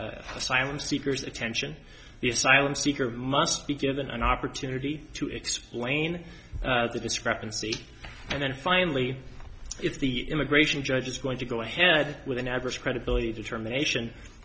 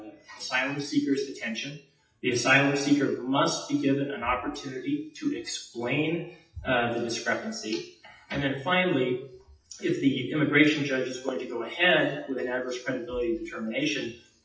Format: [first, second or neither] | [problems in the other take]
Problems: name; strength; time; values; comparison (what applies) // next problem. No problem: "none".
first | noise reduction (classical method WPE with log-MMSE)